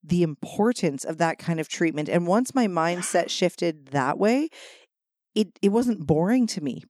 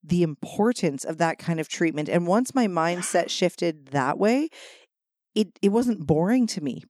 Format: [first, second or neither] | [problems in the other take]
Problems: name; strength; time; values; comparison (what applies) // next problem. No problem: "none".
neither | none